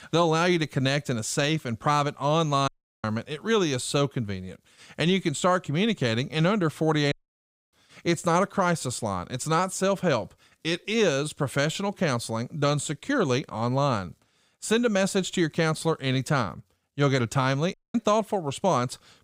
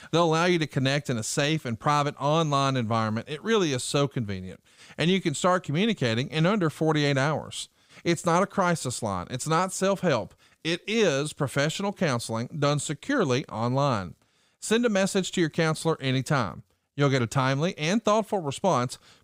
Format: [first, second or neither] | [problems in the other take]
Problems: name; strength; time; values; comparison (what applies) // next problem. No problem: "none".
second | audio cutting out; at 2.5 s, at 7 s for 0.5 s and at 18 s